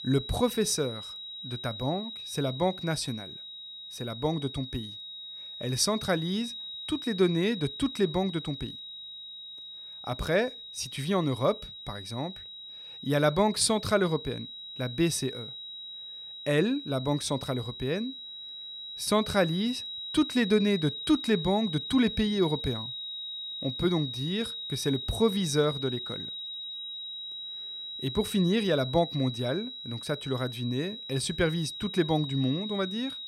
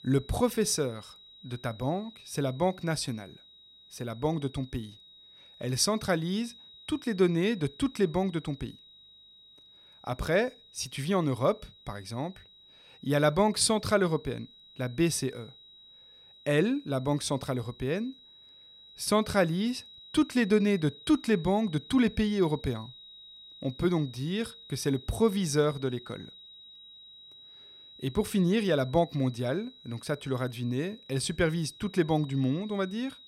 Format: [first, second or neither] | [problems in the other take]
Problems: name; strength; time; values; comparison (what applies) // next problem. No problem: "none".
second | high-pitched whine; loud; throughout; 4 kHz, 8 dB below the speech; faint in the second